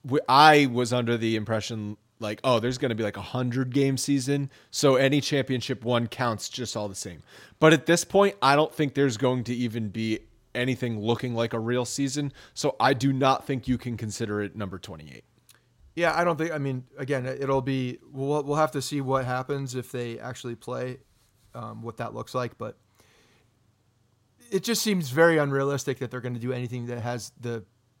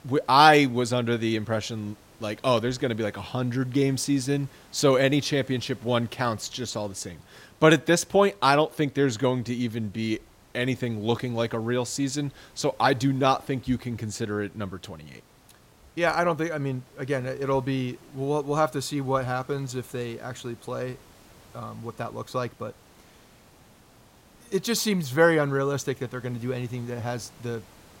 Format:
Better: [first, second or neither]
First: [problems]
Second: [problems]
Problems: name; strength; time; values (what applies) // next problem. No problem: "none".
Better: first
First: none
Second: hiss; faint; throughout; 30 dB below the speech